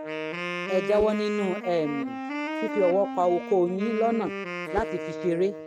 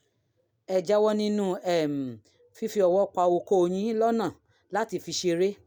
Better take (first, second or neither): second